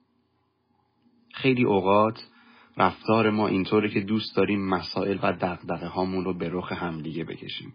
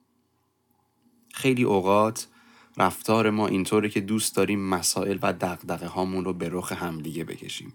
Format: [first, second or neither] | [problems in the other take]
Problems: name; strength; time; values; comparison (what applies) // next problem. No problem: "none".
second | garbled, watery; badly; nothing above 5 kHz